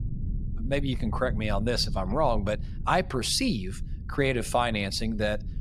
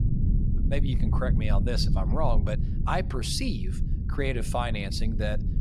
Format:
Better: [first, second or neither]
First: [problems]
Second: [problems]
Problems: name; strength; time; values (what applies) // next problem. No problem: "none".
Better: first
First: low rumble; faint; throughout; 20 dB below the speech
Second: low rumble; loud; throughout; 9 dB below the speech